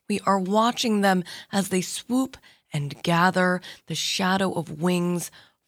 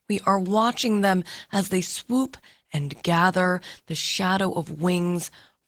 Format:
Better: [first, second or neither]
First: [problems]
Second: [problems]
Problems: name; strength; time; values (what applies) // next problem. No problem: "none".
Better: first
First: none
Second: garbled, watery; slightly